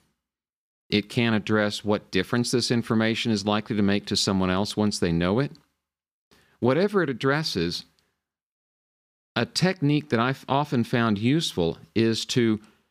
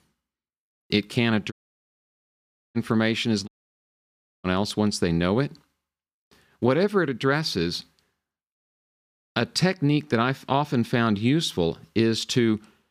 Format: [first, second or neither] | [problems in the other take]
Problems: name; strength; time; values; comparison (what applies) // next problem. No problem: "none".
first | audio cutting out; at 1.5 s for 1 s and at 3.5 s for 1 s